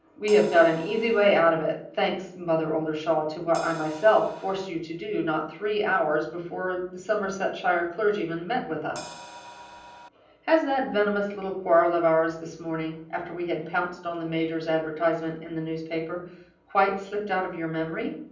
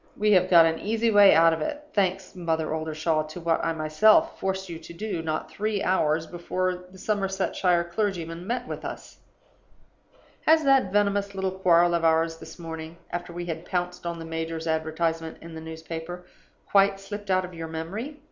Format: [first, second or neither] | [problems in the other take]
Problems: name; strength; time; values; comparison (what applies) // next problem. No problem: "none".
second | background sound (Crash cymbal); 17 dB below the speech // room echo; dies away in 0.6 s